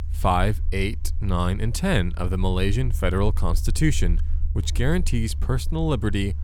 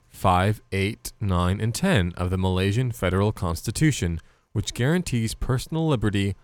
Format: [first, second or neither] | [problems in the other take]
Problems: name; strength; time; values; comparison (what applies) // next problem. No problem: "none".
second | low rumble; faint; throughout; 20 dB below the speech